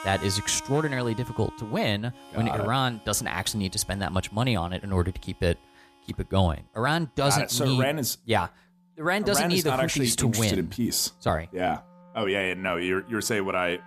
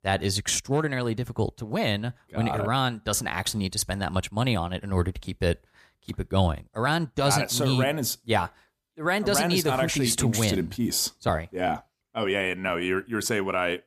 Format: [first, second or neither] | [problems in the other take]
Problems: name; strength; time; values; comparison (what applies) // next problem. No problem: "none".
second | background music; faint; throughout; 20 dB below the speech